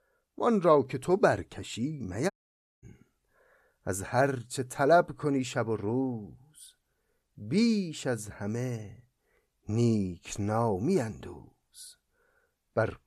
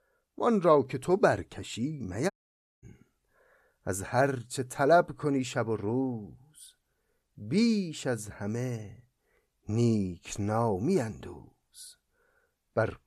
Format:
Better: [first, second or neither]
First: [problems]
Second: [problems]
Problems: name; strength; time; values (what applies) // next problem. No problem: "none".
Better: neither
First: audio cutting out; at 2.5 s for 0.5 s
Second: audio cutting out; at 2.5 s for 0.5 s